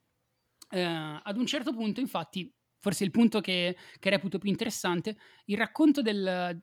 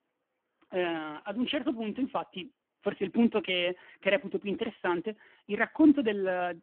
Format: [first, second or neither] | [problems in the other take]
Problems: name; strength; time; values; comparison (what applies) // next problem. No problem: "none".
first | phone-call audio; poor line